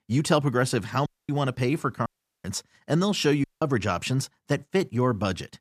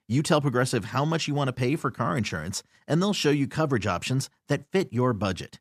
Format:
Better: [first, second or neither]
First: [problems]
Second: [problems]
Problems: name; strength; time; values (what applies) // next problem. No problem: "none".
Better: second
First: audio cutting out; at 1 s, at 2 s and at 3.5 s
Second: none